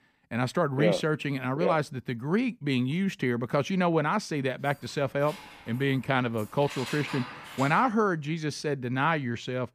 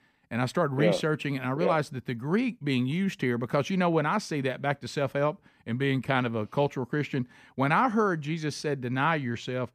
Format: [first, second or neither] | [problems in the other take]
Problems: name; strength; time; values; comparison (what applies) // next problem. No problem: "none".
second | jangling keys; noticeable; from 4.5 to 8 s; peak 8 dB below the speech